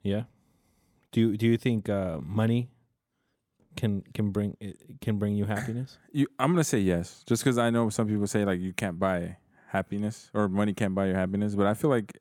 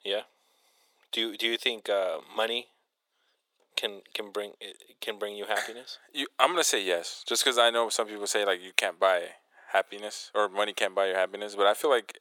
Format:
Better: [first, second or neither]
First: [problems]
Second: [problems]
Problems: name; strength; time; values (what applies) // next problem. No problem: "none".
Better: first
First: none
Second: thin; very; fading below 500 Hz